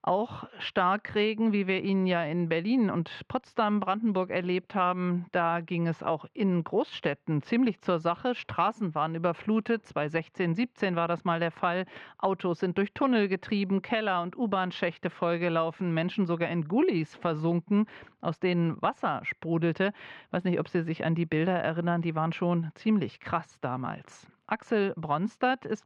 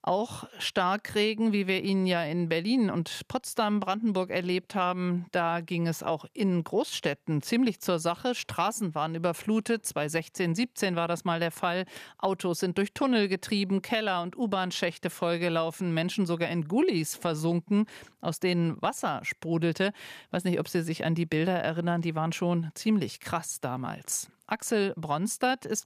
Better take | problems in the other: second | muffled; very; fading above 3 kHz

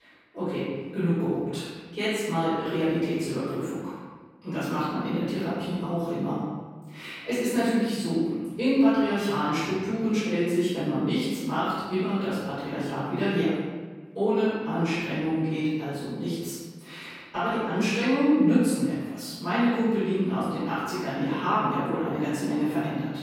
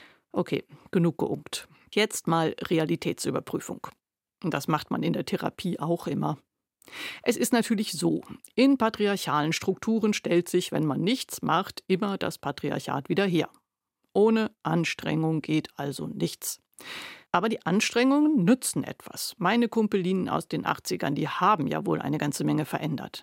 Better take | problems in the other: second | room echo; strong; dies away in 1.3 s // off-mic speech; far

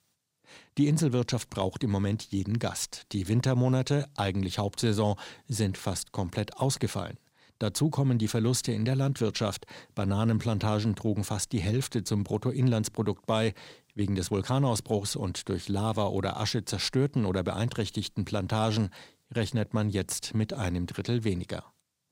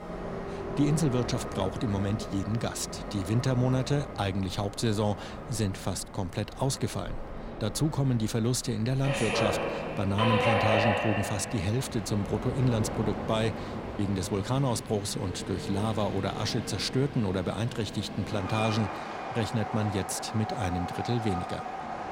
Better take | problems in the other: first | train or aircraft noise; loud; throughout; 4 dB below the speech

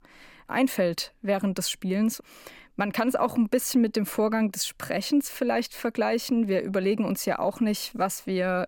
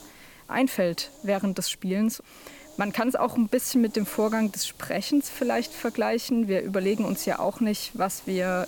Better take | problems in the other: first | hiss; faint; throughout; 20 dB below the speech

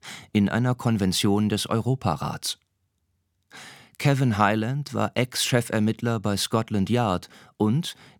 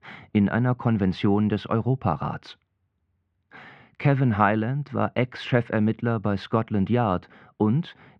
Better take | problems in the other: first | muffled; very; fading above 2.5 kHz

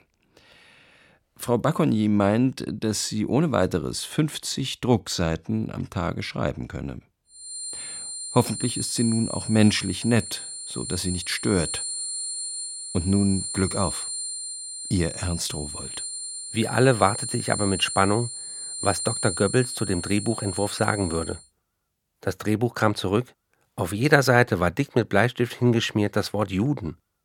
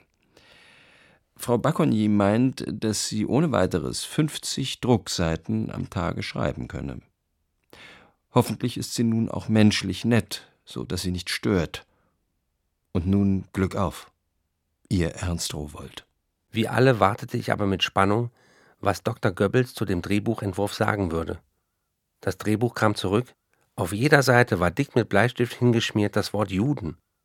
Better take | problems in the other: second | high-pitched whine; loud; from 7.5 to 21 s; 9.5 kHz, 6 dB below the speech

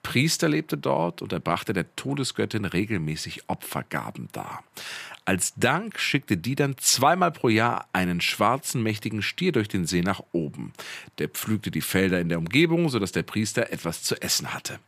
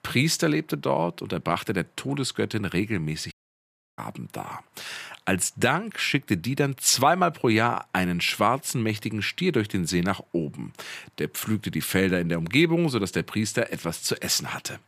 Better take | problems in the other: first | audio cutting out; at 3.5 s for 0.5 s

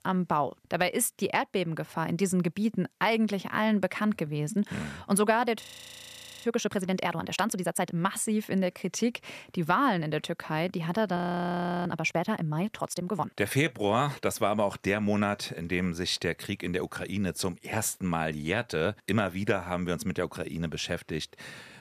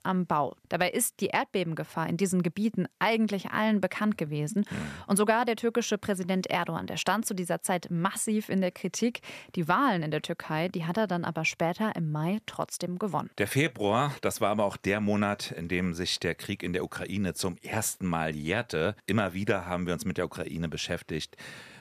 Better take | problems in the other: second | audio freezing; at 5.5 s for 1 s and at 11 s for 0.5 s

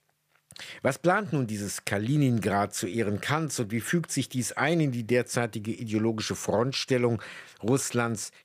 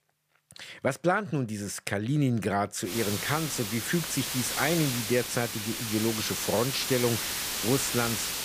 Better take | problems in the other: first | hiss; loud; from 3 s on; 2 dB below the speech

